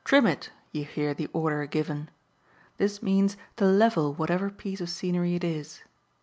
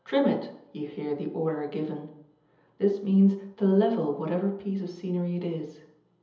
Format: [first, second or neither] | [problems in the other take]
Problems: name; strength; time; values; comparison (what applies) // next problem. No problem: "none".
first | room echo; dies away in 0.7 s